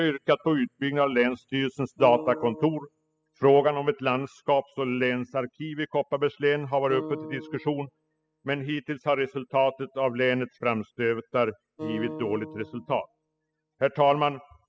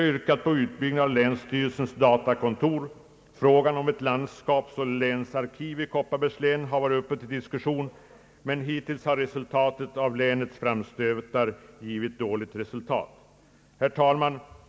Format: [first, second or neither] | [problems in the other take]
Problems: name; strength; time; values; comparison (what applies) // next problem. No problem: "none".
second | noise reduction (classical method spectral subtraction)